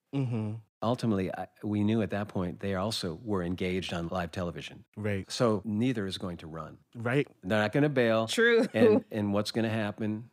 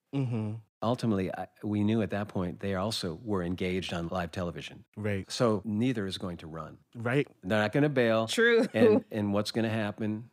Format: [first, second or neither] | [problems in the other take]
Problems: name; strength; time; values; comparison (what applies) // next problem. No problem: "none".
neither | none